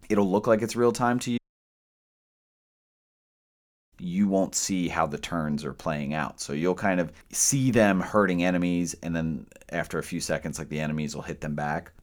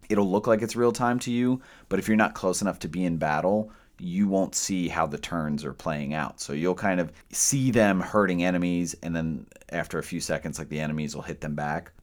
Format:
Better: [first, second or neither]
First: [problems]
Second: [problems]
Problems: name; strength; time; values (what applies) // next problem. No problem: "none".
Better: second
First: audio cutting out; at 1.5 s for 2.5 s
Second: none